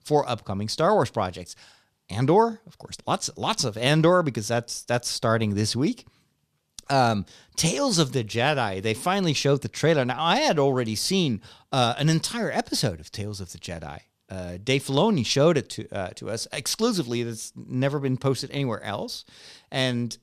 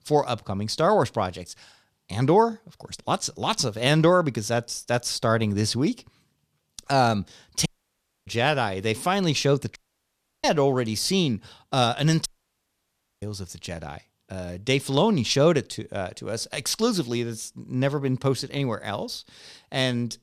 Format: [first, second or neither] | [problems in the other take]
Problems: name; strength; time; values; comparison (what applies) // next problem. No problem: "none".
first | audio cutting out; at 7.5 s for 0.5 s, at 10 s for 0.5 s and at 12 s for 1 s